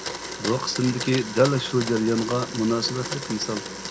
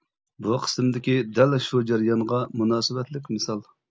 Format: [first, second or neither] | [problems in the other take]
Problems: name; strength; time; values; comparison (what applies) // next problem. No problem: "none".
second | background sound (Domestic sounds, home sounds); 8 dB below the speech